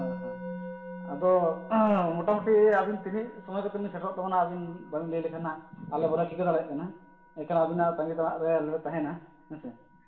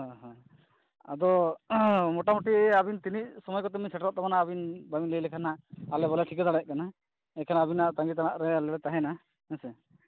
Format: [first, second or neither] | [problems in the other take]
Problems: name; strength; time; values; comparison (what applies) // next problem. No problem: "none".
second | background sound (Musical instrument); 16 dB below the speech // room echo; dies away in 0.7 s